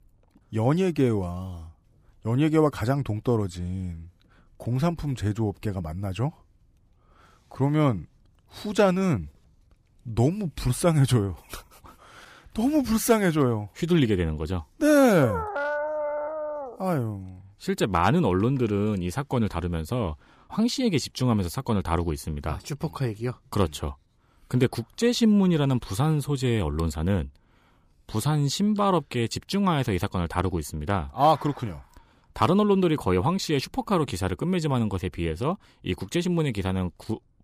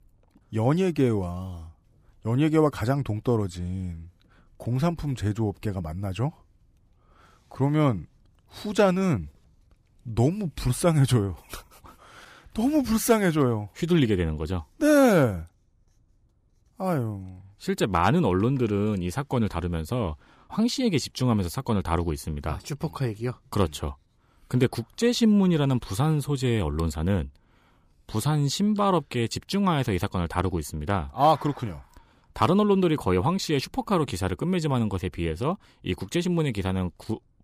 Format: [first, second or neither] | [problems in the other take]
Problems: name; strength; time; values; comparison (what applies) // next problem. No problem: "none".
second | dog barking; noticeable; from 15 to 17 s; peak 3 dB below the speech